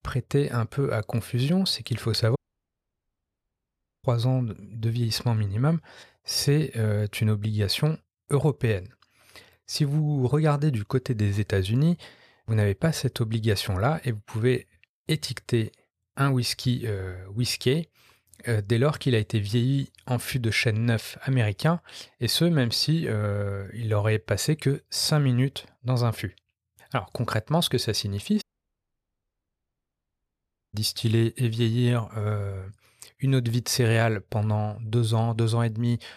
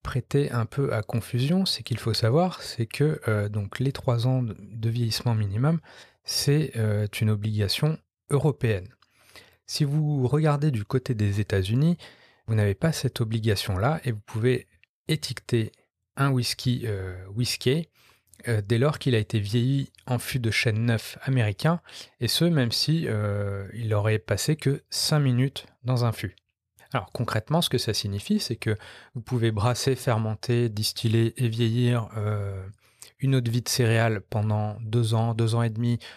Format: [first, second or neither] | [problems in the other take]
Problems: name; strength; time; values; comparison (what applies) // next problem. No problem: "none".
second | audio cutting out; at 2.5 s for 1.5 s and at 28 s for 2.5 s